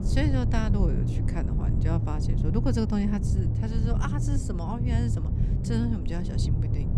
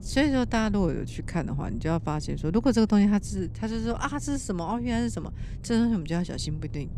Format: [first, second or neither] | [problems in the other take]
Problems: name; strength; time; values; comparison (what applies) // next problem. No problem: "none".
second | low rumble; loud; throughout; 4 dB below the speech; faint in the second